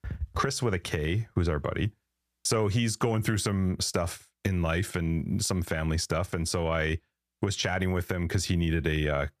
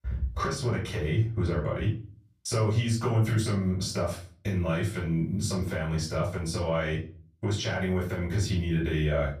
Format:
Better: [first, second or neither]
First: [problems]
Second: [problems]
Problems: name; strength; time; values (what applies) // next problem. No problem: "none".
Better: first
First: none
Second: off-mic speech; far // room echo; slight; dies away in 0.4 s